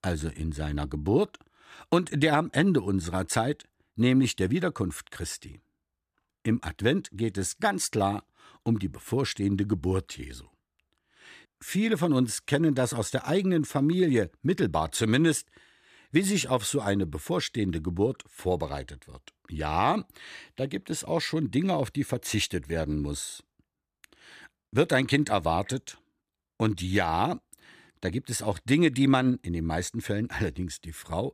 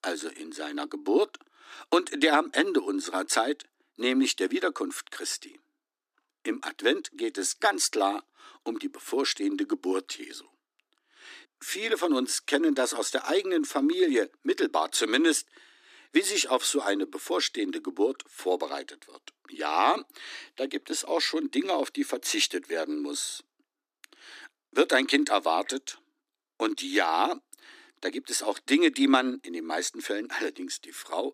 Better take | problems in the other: first | thin; very slightly; fading below 250 Hz

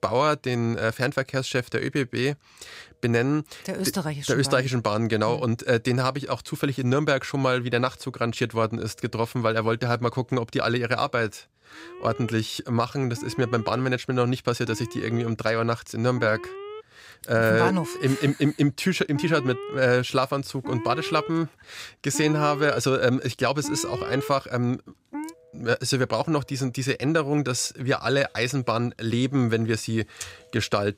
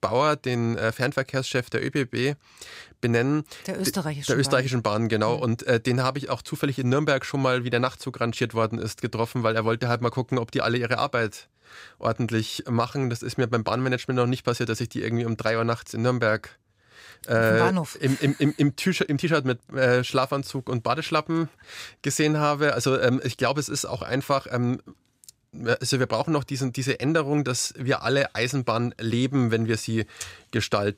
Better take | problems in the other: second | alarms or sirens; noticeable; throughout; 10 dB below the speech

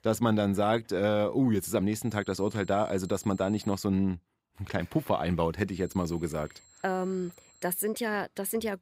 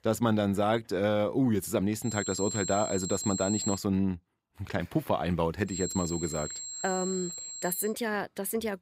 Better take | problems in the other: first | high-pitched whine; loud; from 2 to 4 s and from 5.5 to 8 s; 7.5 kHz, 5 dB below the speech; faint in the first

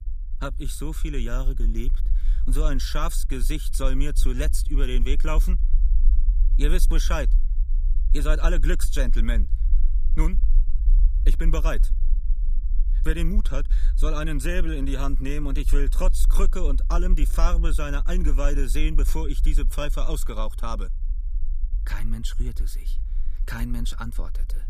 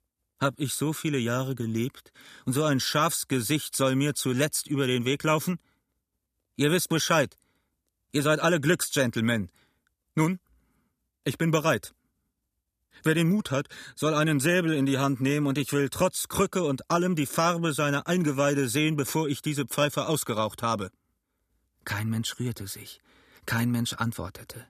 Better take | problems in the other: second | low rumble; noticeable; throughout; 20 dB below the speech

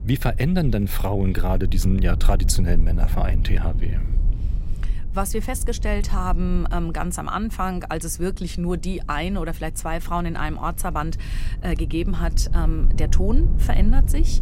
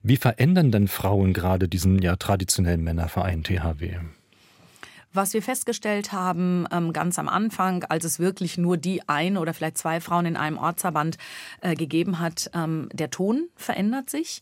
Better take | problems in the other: second | low rumble; noticeable; throughout; 15 dB below the speech

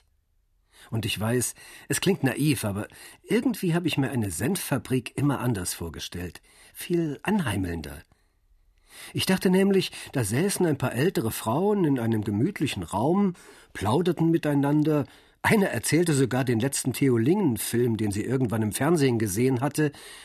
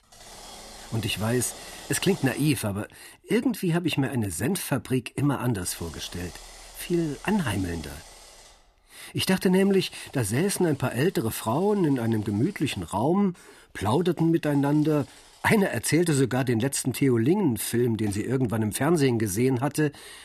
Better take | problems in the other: first | machinery noise; faint; throughout; 20 dB below the speech

